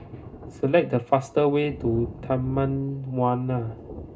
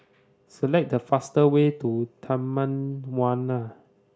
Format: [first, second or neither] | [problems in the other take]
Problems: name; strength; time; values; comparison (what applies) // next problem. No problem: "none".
second | background sound (Thunder); 15 dB below the speech // room echo; dies away in 0.2 s